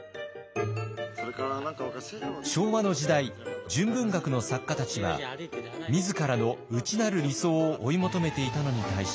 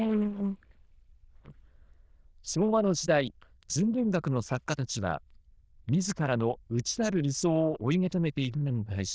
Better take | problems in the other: first | noise reduction (neural diffusion model UNIVERSE++)

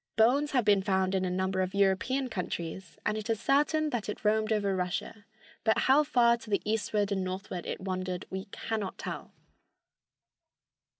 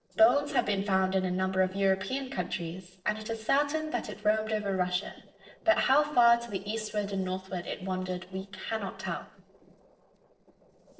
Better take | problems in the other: first | noise reduction (neural separator model SepFormer DNS4)

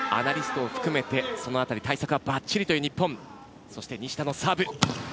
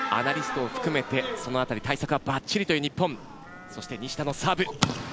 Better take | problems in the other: first | background sound (Livestock, farm animals, working animals); 18 dB below the speech

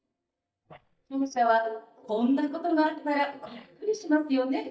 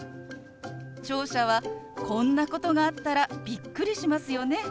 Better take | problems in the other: second | noise reduction (neural mask model DeepFilterNet 3)

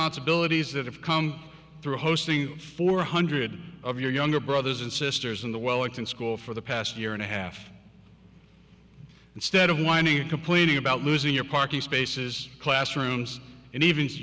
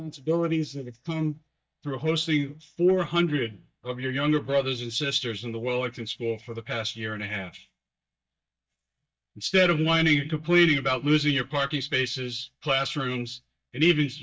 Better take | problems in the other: first | noise reduction (neural mask model DeepFilterNet 3)

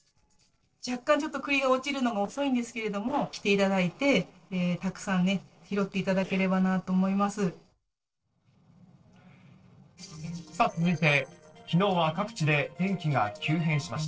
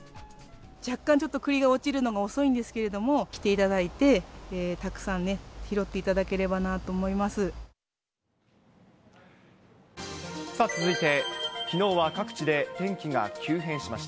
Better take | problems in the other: second | noise reduction (neural separator model SepFormer DNS4)

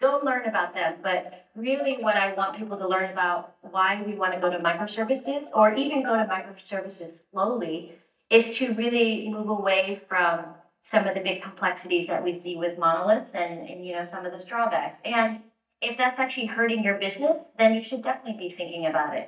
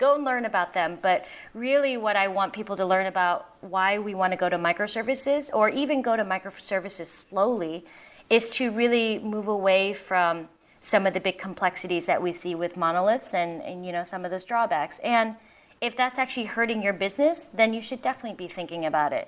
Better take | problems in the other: second | noise reduction (neural mask model DeepFilterNet 3)

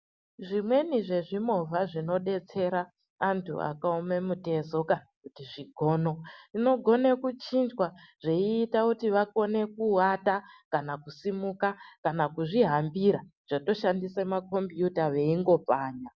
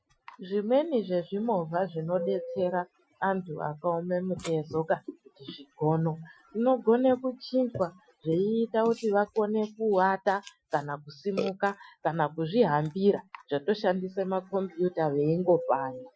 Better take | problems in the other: first | noise reduction (classical method Wiener filter)

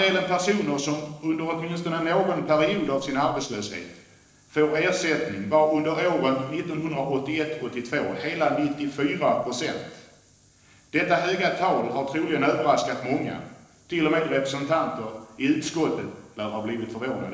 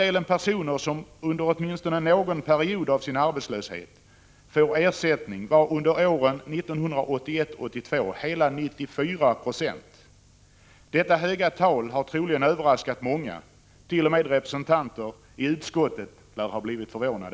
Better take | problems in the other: second | noise reduction (neural separator model SepFormer DNS4)

